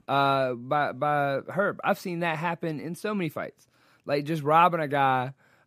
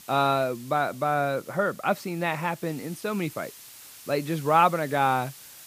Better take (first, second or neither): first